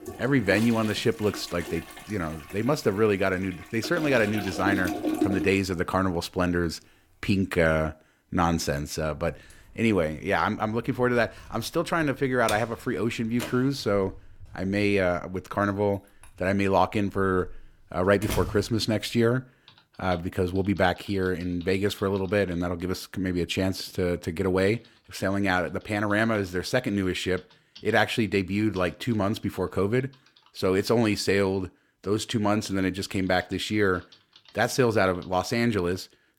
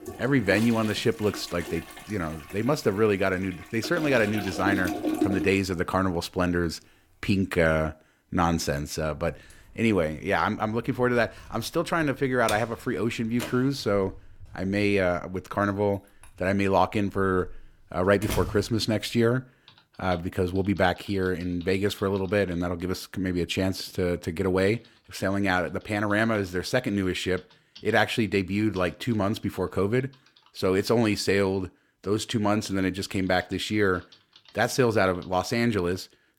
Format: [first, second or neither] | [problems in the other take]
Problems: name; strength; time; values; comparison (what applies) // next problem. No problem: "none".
neither | household noises; noticeable; throughout; 10 dB below the speech; the same in both